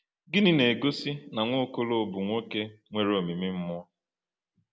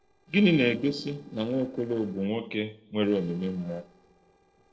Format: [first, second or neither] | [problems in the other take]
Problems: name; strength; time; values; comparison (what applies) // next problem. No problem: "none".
first | noise reduction (neural separator model SepFormer DNS4)